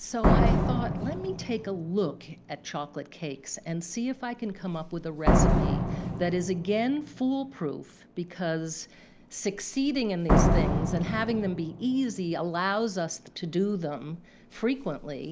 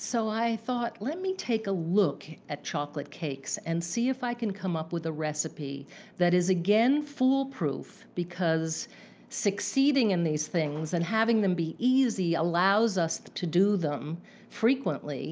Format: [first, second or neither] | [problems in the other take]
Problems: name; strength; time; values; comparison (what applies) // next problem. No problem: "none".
second | background sound (Slam); 1 dB above the speech